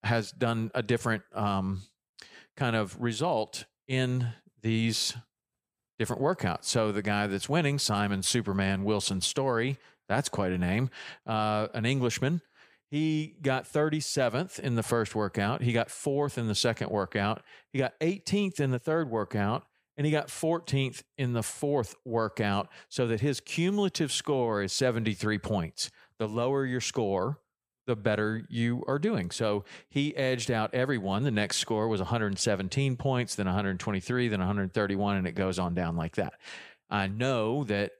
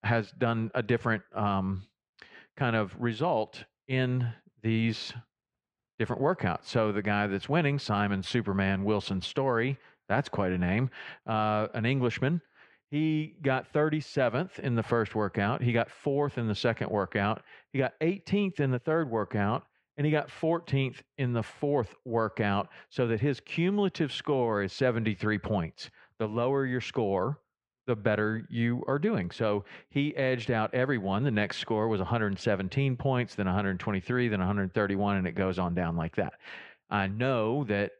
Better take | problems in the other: first | muffled; slightly; fading above 2.5 kHz

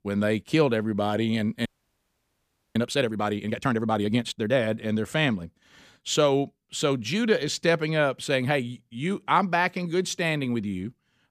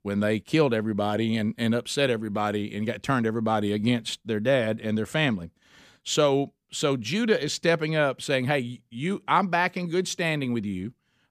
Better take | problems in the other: second | audio freezing; at 1.5 s for 1 s

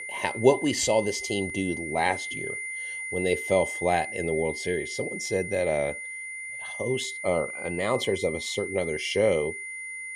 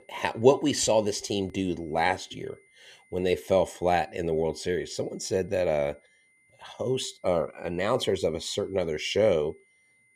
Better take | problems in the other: second | high-pitched whine; loud; throughout; 2 kHz, 6 dB below the speech; faint in the second

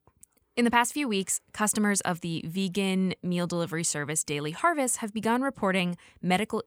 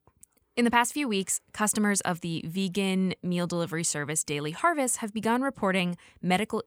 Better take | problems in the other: neither | none

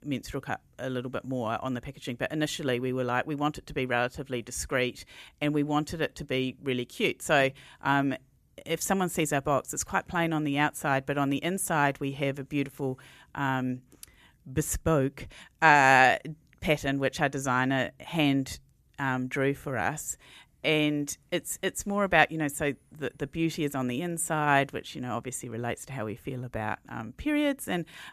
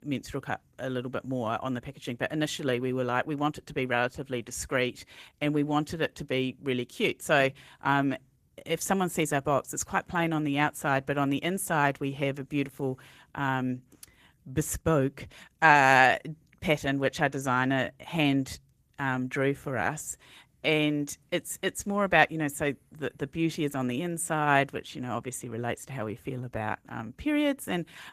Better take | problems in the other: first | garbled, watery; slightly; nothing above 14.5 kHz

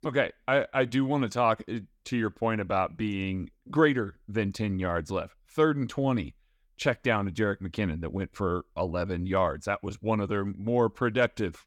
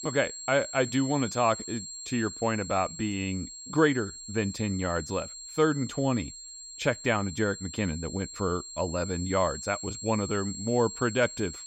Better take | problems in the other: first | high-pitched whine; loud; throughout; 7.5 kHz, 10 dB below the speech

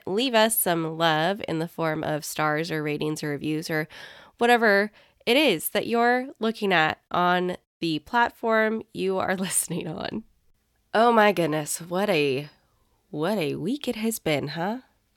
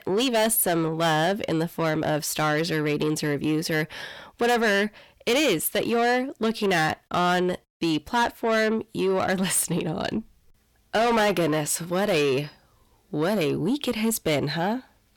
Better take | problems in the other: first | distortion; heavy; 7 dB below the speech

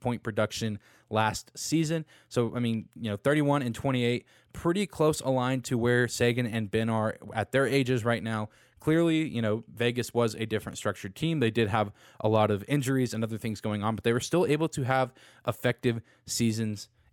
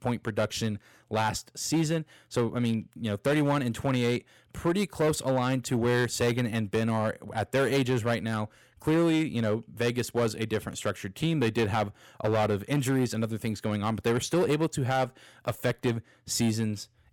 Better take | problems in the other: first | distortion; slight; 7% of the sound clipped

